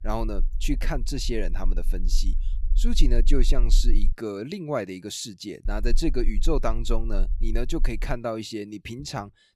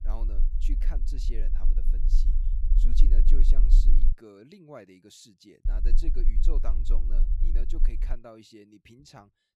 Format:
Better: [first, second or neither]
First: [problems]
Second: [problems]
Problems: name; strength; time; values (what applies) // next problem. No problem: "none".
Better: first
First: low rumble; faint; until 4 s and from 5.5 to 8 s; 25 dB below the speech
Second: low rumble; loud; until 4 s and from 5.5 to 8 s; 6 dB below the speech